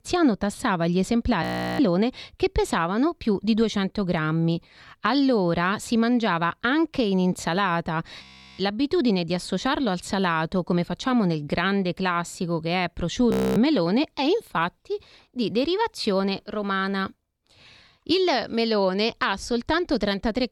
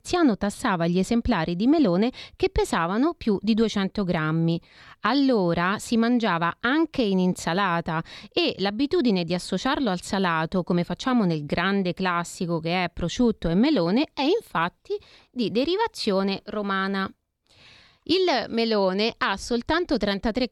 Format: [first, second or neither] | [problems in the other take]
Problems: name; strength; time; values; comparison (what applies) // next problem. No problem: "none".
second | audio freezing; at 1.5 s, at 8 s and at 13 s